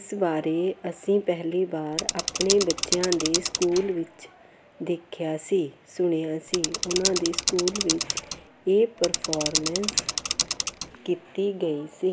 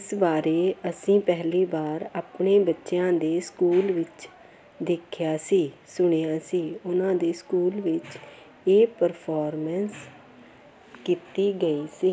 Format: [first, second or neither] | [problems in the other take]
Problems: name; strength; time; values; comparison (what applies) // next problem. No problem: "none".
second | background sound (Mechanisms / Bicycle); 2 dB below the speech